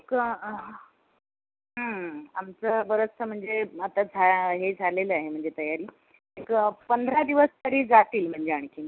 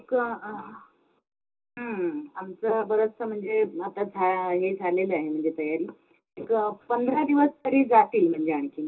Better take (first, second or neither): first